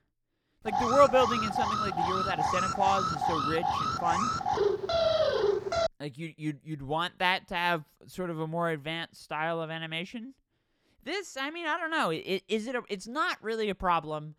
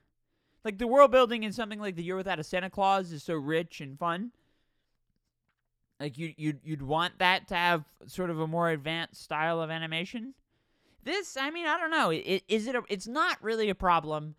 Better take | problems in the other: second | alarm; loud; from 0.5 to 6 s; peak 5 dB above the speech

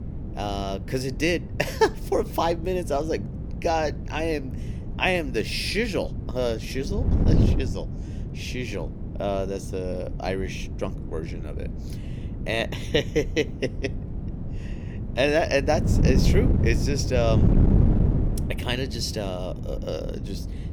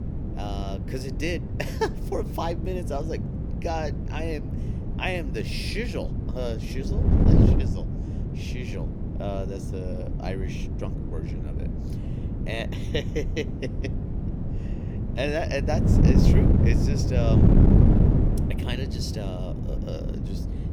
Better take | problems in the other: first | wind noise on the microphone; heavy; 2 dB below the speech; occasional gusts in the first

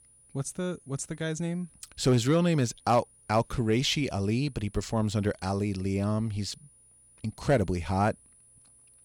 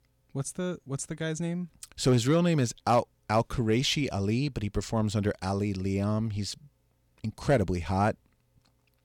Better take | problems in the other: second | high-pitched whine; faint; throughout; 10 kHz, 30 dB below the speech

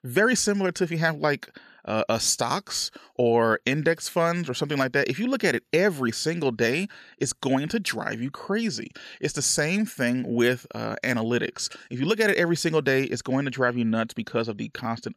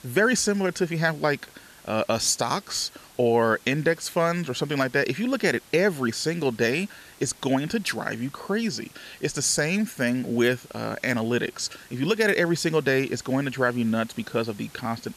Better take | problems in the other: first | hiss; faint; throughout; 25 dB below the speech

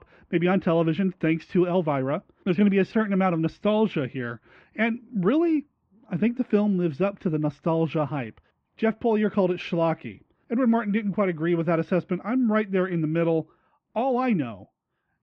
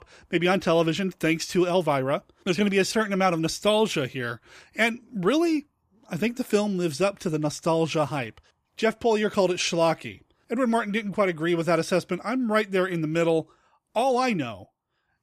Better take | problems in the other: second | muffled; very; fading above 2.5 kHz

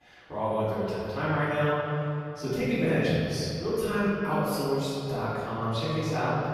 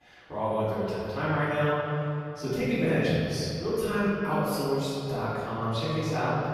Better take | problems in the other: neither | off-mic speech; far; the same in both // room echo; strong; dies away in 2.5 s; the same in both

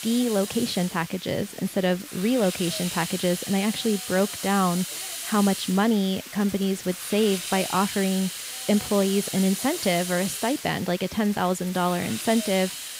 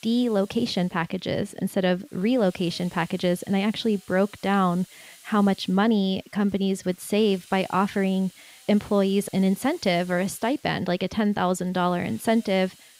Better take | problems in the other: second | hiss; loud; throughout; 7 dB below the speech; faint in the second

